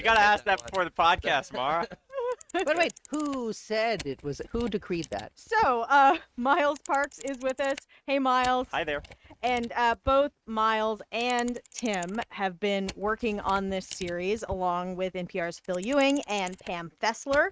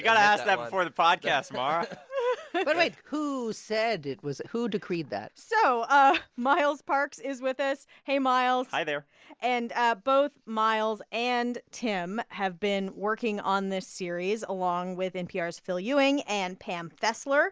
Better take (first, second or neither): second